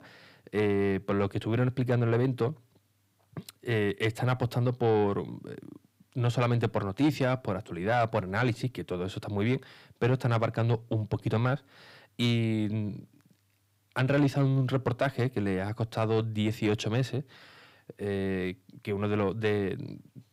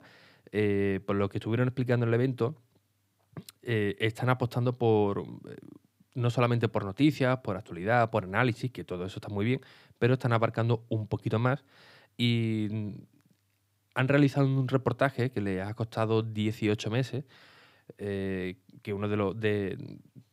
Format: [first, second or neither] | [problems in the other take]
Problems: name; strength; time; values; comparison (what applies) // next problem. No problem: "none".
second | distortion; slight; 10 dB below the speech